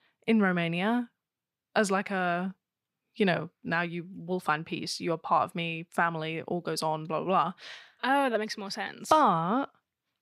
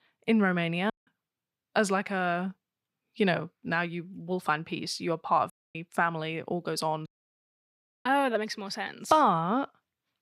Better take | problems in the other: first | audio cutting out; at 1 s, at 5.5 s and at 7 s for 1 s

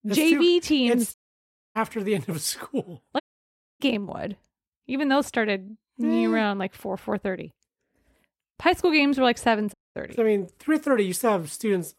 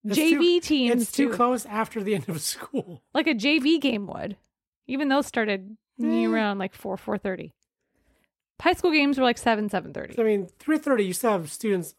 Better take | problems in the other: second | audio cutting out; at 1 s for 0.5 s, at 3 s for 0.5 s and at 9.5 s

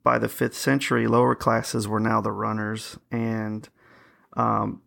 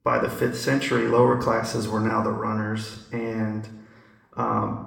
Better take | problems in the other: first | room echo; slight; dies away in 0.8 s // off-mic speech; somewhat distant

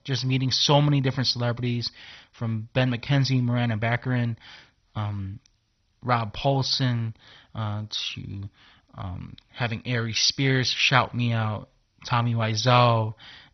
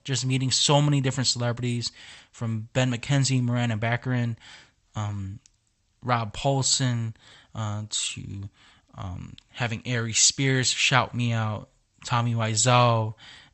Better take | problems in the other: second | garbled, watery; badly; nothing above 6 kHz; slightly in the second

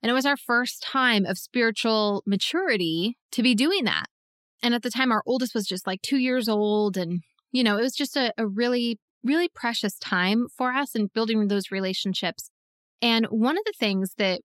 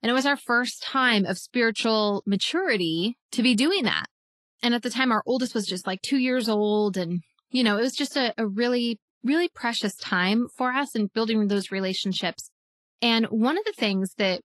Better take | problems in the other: first | garbled, watery; slightly; nothing above 12 kHz

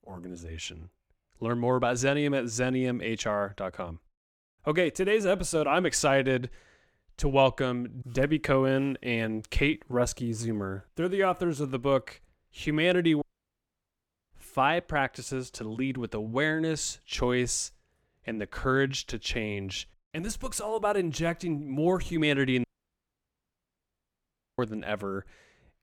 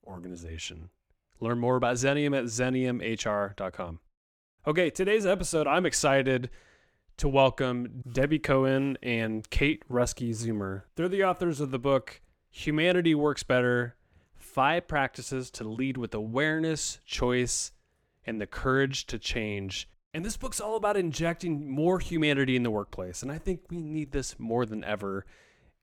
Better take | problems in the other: second | audio cutting out; at 13 s for 1 s and at 23 s for 2 s

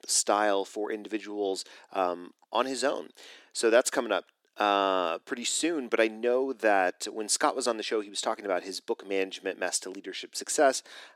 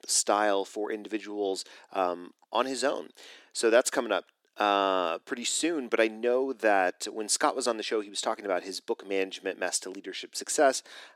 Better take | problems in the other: neither | thin; very slightly; fading below 300 Hz; the same in both

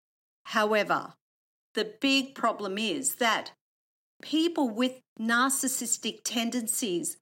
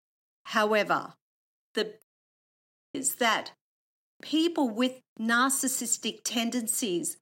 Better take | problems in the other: first | audio cutting out; at 2 s for 1 s

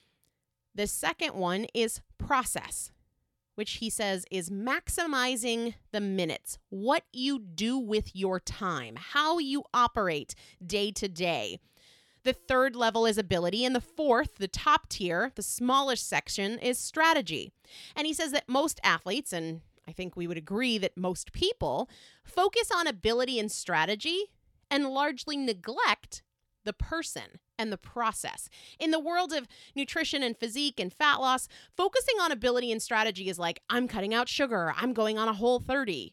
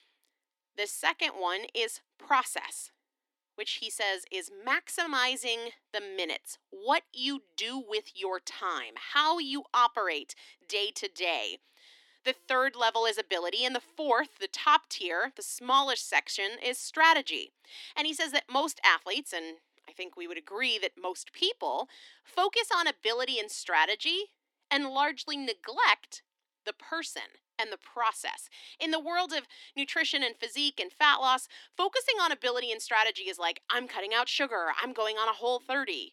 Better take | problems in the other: first | thin; somewhat; fading below 250 Hz

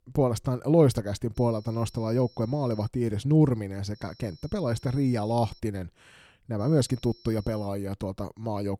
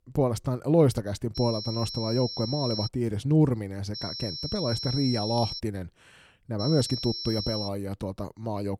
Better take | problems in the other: first | high-pitched whine; loud; from 1.5 to 3 s, from 4 to 5.5 s and from 6.5 to 7.5 s; 5.5 kHz, 6 dB below the speech; faint in the first

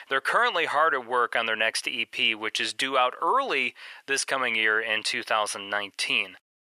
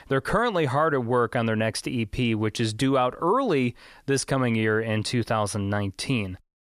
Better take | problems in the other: second | thin; very; fading below 650 Hz

